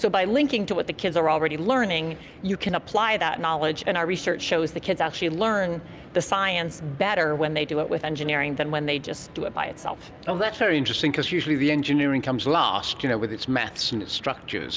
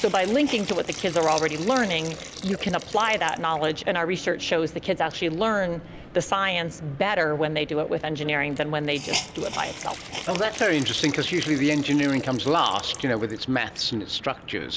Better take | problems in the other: first | background sound (Hiss); 14 dB below the speech

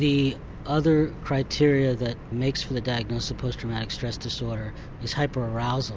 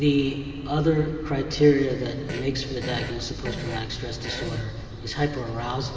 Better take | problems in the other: first | background sound (Fart); 13 dB below the speech // room echo; dies away in 2.7 s

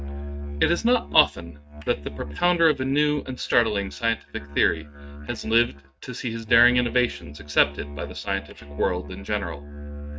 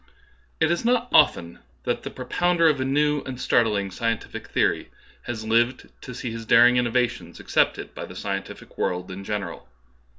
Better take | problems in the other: second | noise reduction (neural mask model RNNoise)

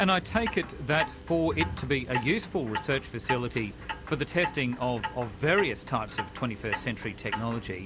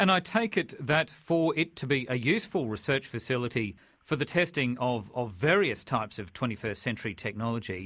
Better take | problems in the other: second | background sound (Clock); 8 dB below the speech

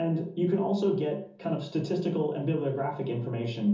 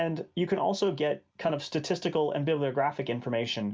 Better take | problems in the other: second | room echo; dies away in 0.6 s

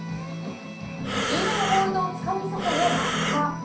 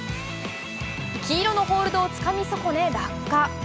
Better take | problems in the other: second | background sound (Breathing); 2 dB below the speech // room echo; dies away in 0.6 s

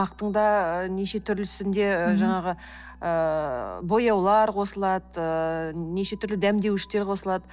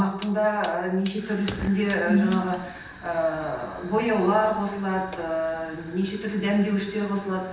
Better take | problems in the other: first | background sound (Fire); 17 dB below the speech // room echo; dies away in 0.9 s

